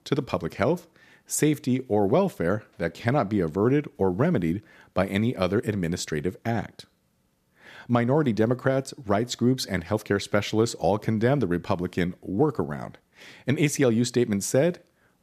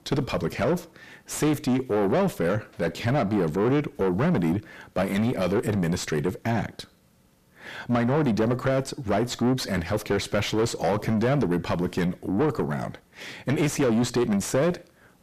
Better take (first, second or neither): first